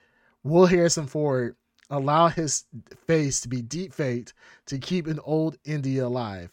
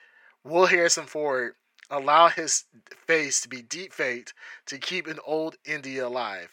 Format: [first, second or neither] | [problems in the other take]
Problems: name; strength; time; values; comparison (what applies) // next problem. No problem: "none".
first | thin; very; fading below 500 Hz